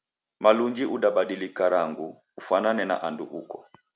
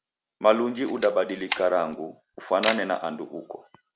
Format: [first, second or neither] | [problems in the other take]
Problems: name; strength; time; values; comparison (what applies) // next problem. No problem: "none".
first | background sound (Camera); 11 dB below the speech